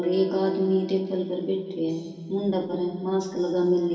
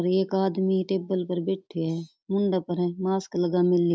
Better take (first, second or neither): second